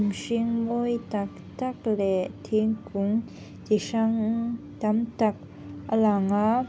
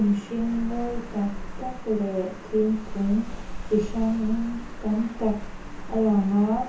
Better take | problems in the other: first | background sound (Water); 8 dB below the speech // room echo; dies away in 0.6 s

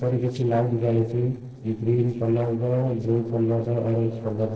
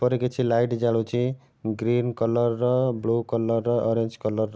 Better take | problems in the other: second | noise reduction (neural separator model SepFormer DNS4)

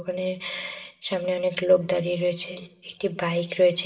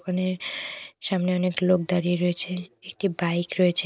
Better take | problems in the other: second | room echo; dies away in 0.6 s

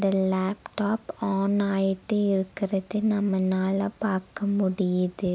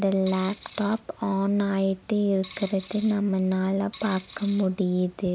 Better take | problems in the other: first | background sound (Coin (dropping)); 20 dB below the speech

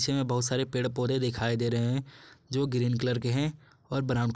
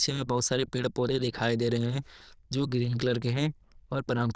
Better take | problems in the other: first | noise reduction (neural diffusion model UNIVERSE++)

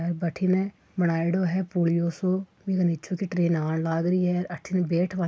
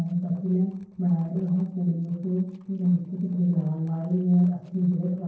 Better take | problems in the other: first | noise reduction (neural separator model SepFormer DNS4)

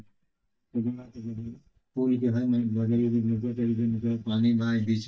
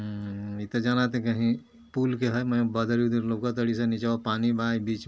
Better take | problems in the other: second | noise reduction (neural mask model DeepFilterNet 3)

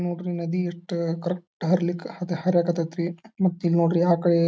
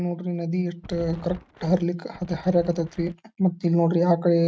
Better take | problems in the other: first | noise reduction (neural mask model RNNoise)

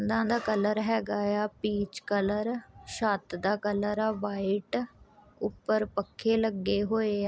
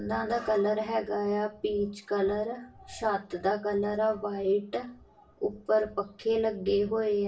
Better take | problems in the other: first | room echo; dies away in 0.3 s

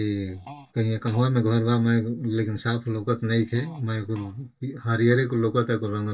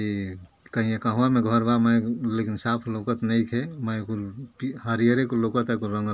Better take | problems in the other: second | noise reduction (neural mask model DeepFilterNet 3)

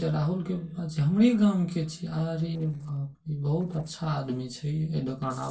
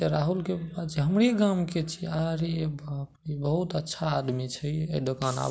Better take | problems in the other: second | noise reduction (neural separator model SepFormer DNS4)

